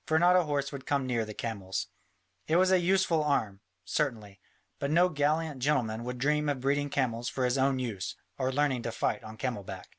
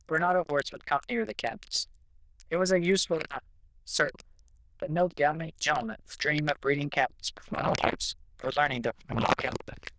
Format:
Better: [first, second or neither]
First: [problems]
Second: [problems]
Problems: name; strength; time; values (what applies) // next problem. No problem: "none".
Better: first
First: none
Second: noise reduction (neural diffusion model UNIVERSE++)